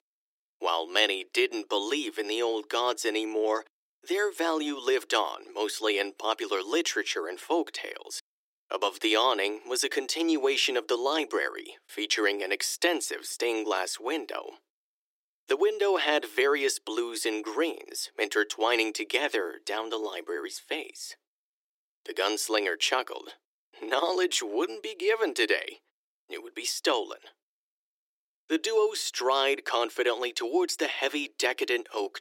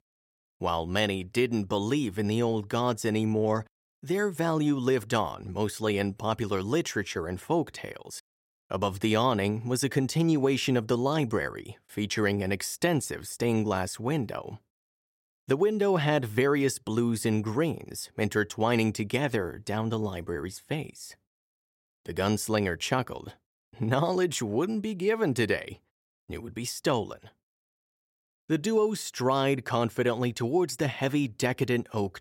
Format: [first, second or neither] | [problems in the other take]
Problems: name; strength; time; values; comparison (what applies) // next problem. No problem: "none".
second | thin; very; fading below 300 Hz